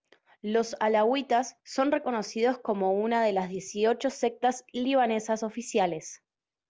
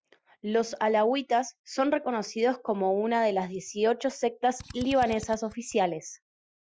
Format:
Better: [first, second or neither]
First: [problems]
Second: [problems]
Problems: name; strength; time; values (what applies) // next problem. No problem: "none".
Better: first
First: none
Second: noise reduction (classical method Wiener filter)